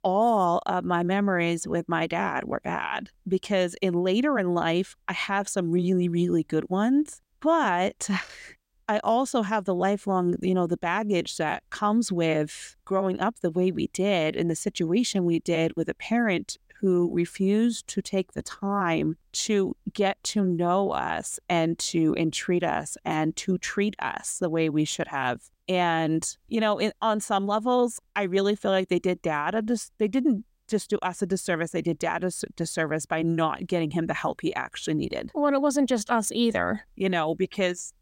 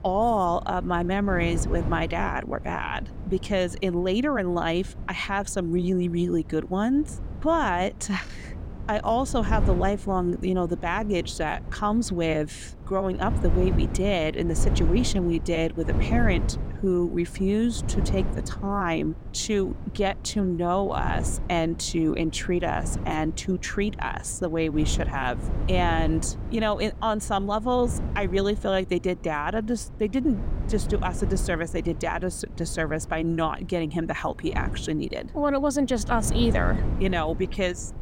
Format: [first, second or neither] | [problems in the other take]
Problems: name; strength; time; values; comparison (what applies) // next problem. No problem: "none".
first | wind noise on the microphone; occasional gusts; 15 dB below the speech